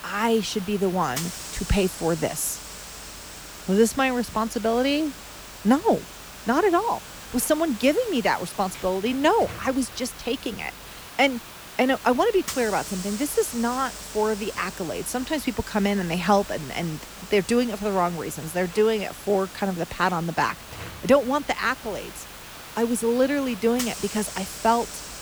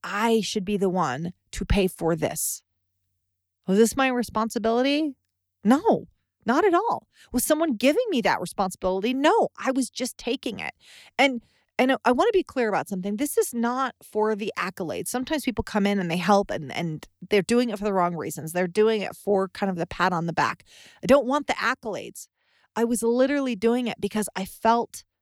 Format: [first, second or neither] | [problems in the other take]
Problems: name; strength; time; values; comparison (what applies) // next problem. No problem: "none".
second | hiss; noticeable; throughout; 15 dB below the speech